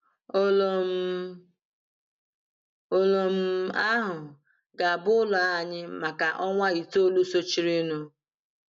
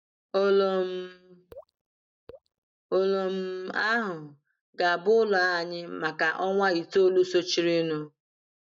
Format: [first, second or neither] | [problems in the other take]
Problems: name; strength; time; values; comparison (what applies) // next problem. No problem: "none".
first | noise reduction (neural mask model DeepFilterNet 3)